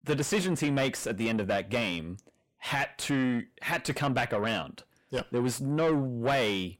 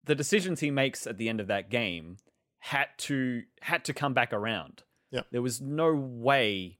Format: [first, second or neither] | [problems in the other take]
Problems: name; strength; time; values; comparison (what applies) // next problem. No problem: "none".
second | distortion; heavy; 7 dB below the speech